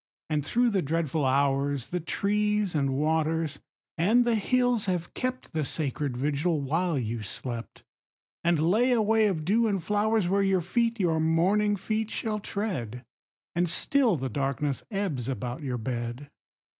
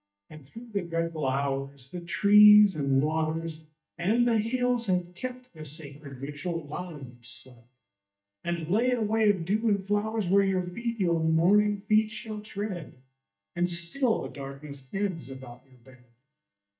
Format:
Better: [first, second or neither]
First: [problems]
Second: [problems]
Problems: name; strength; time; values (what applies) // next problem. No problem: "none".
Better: first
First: none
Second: noise reduction (neural mask model DeepFilterNet 3)